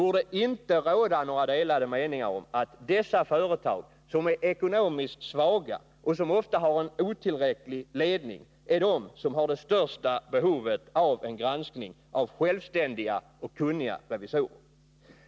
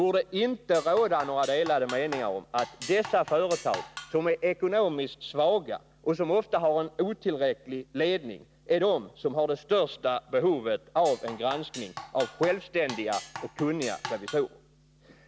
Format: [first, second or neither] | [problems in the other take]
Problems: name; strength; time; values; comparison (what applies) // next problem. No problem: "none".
first | background sound (Drum kit); 14 dB below the speech